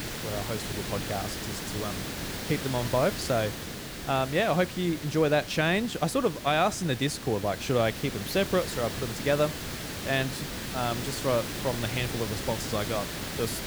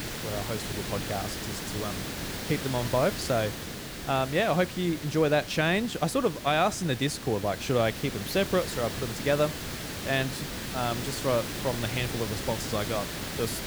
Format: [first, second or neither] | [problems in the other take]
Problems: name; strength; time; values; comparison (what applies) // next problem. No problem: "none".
neither | hiss; loud; throughout; 6 dB below the speech; the same in both